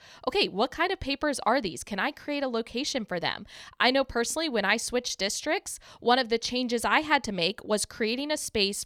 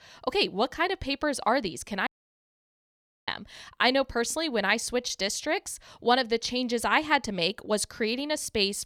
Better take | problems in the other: first | audio cutting out; at 2 s for 1 s

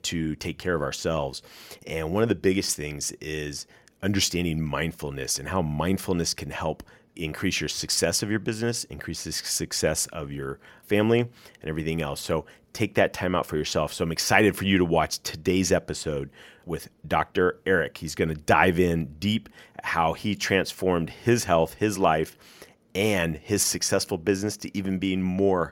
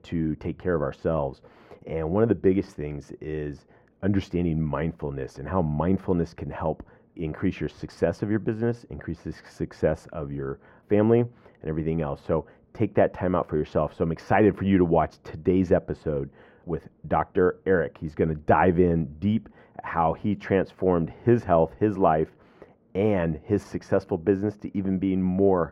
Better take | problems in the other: first | muffled; very; fading above 3 kHz

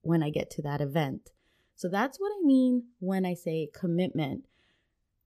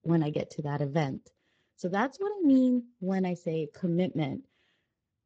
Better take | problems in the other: first | garbled, watery; badly; nothing above 7.5 kHz

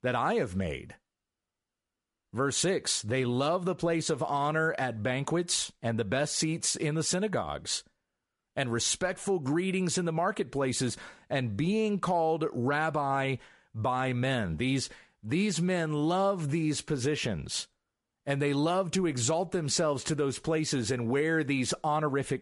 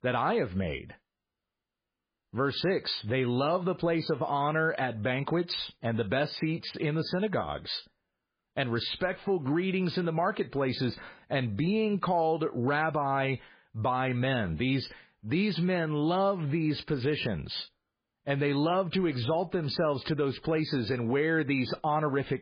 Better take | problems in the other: first | garbled, watery; badly; nothing above 4.5 kHz; slightly in the first

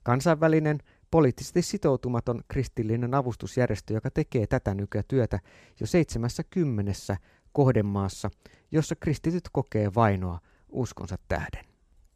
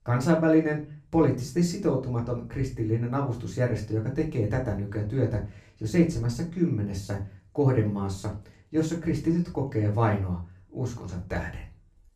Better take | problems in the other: first | room echo; slight; dies away in 0.3 s // off-mic speech; far

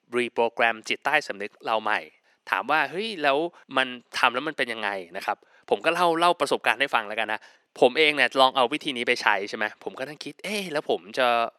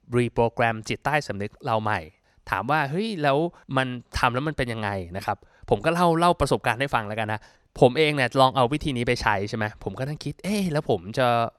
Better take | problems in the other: second | thin; somewhat; fading below 300 Hz

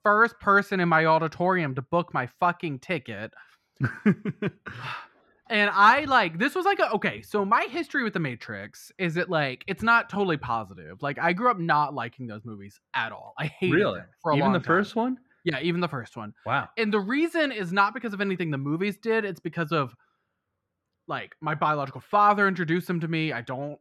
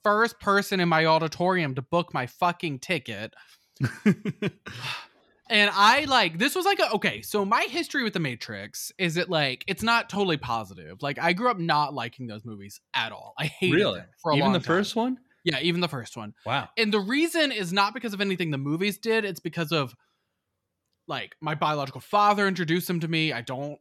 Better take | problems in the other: second | muffled; slightly; fading above 3 kHz

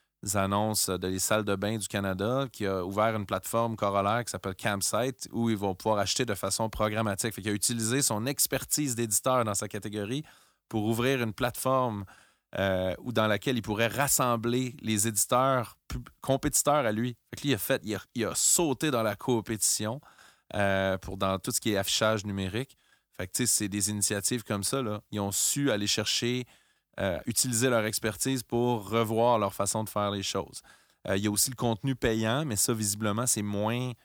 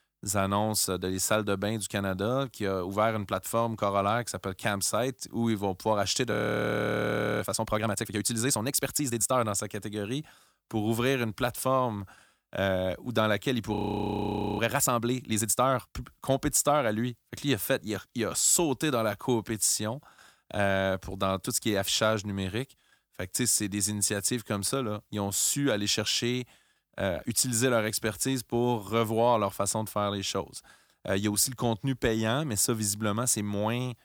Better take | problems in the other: first | audio freezing; at 6.5 s for 1 s and at 14 s for 1 s

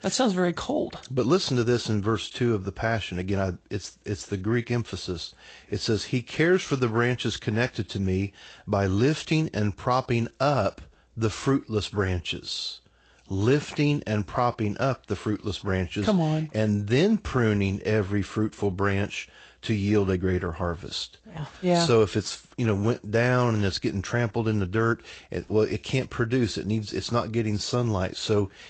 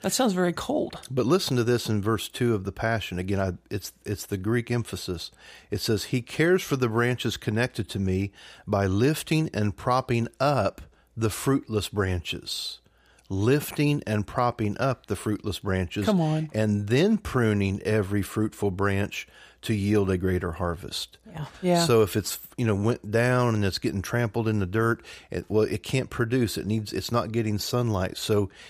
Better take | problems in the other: second | garbled, watery; slightly; nothing above 8 kHz

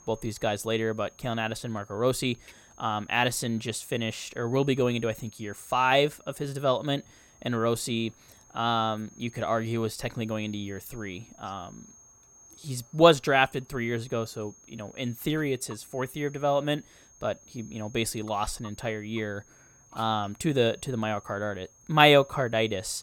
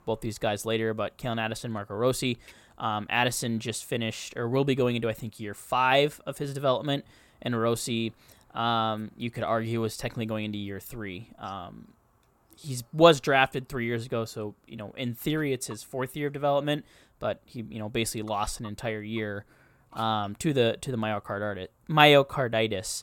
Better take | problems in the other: second | high-pitched whine; faint; throughout; 6.5 kHz, 25 dB below the speech

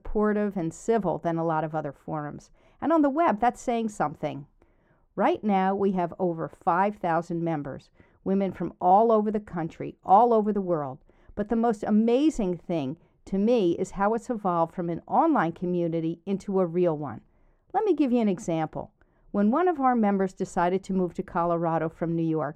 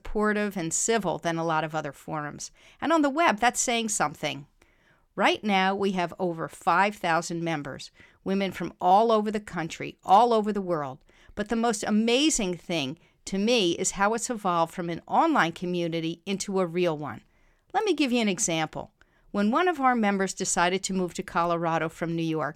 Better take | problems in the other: second | muffled; very; fading above 1.5 kHz

